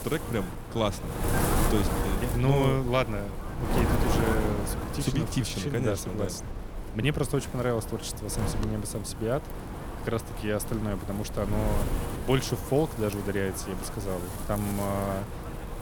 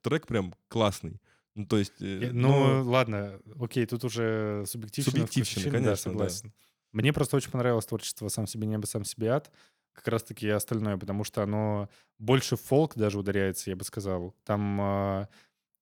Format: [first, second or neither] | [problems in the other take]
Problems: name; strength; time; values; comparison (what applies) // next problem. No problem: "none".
second | wind noise on the microphone; heavy; 4 dB below the speech